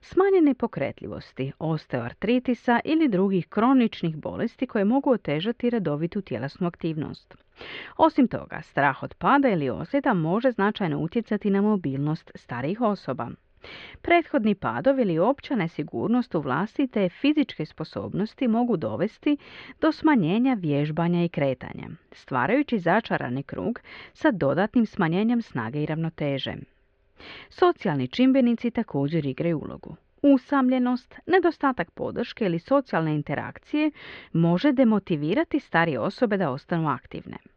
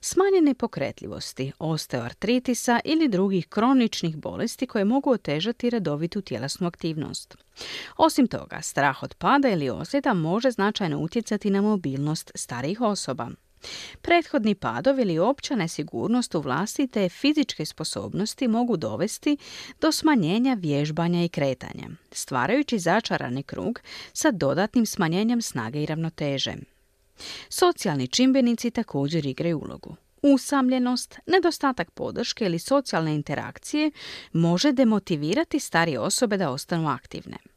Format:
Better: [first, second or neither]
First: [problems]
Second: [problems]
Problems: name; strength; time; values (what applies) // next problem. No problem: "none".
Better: second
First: muffled; very; fading above 3 kHz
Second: none